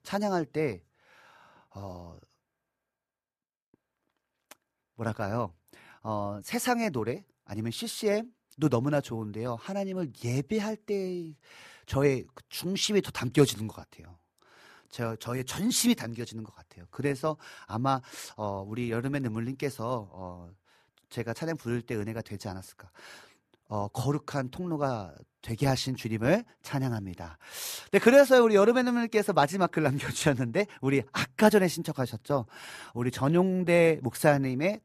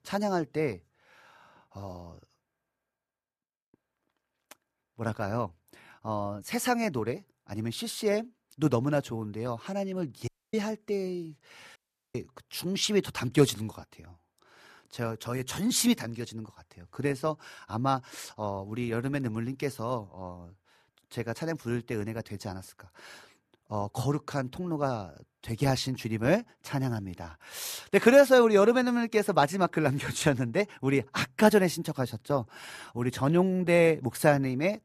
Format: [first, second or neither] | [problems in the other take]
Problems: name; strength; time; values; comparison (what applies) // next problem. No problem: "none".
first | audio cutting out; at 10 s and at 12 s